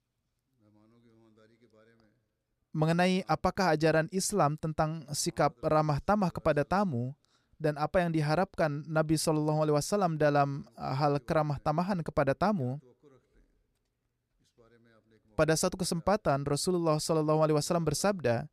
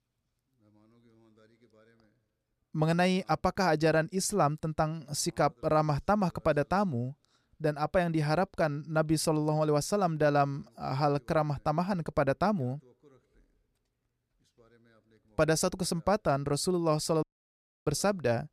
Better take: first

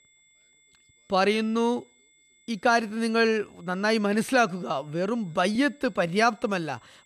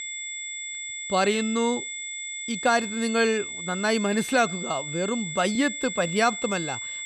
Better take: first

